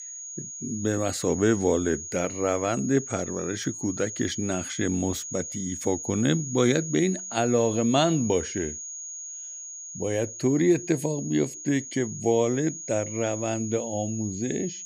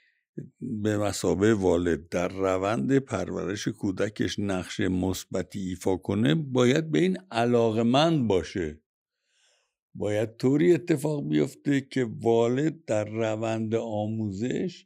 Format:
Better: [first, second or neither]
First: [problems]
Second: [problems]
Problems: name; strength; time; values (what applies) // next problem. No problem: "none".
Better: second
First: high-pitched whine; loud; throughout; 6.5 kHz, 8 dB below the speech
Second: none